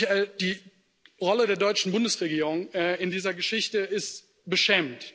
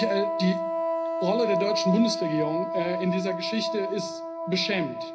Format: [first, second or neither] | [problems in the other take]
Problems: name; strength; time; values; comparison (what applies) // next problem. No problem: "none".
first | background sound (Wind instrument, woodwind instrument); 1 dB below the speech // room echo; dies away in 0.5 s